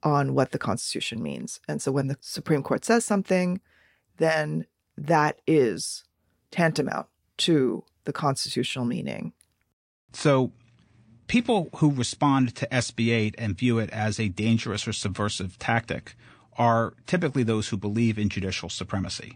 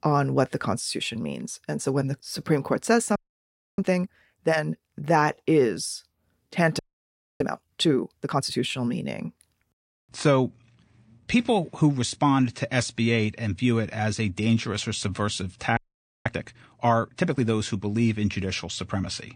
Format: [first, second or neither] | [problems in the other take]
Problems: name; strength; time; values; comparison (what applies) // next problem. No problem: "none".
first | audio freezing; at 3 s for 0.5 s, at 7 s for 0.5 s and at 16 s